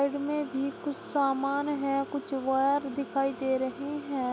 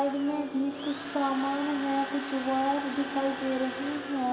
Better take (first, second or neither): first